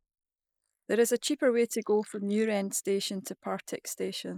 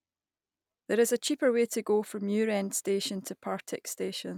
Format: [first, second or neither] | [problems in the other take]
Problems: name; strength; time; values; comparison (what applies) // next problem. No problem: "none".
second | noise reduction (neural mask model Resemble Enhance denoiser)